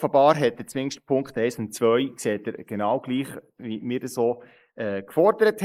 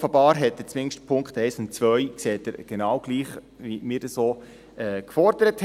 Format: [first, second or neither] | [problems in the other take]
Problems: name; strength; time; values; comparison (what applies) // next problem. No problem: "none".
second | noise reduction (neural mask model Resemble Enhance denoiser)